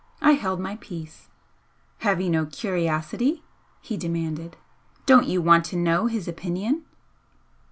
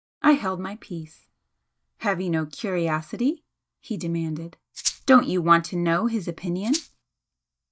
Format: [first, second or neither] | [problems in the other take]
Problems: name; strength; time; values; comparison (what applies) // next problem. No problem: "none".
first | noise reduction (neural mask model DeepFilterNet 3)